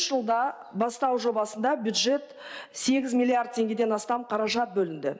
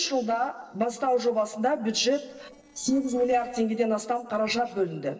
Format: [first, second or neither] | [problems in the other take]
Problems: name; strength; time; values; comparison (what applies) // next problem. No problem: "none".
first | noise reduction (neural separator model SepFormer DNS4)